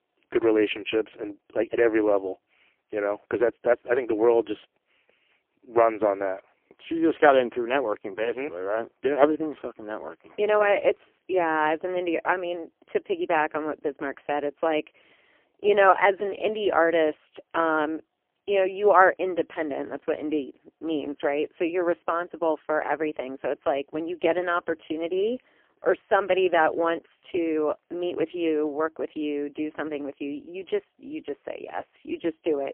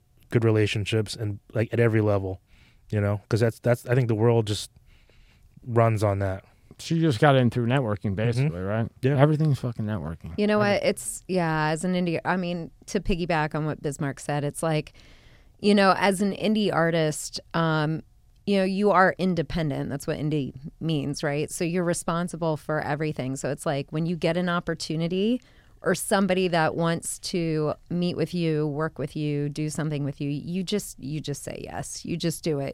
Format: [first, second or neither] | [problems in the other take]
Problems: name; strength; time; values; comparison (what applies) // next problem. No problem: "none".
second | phone-call audio; poor line; nothing above 3 kHz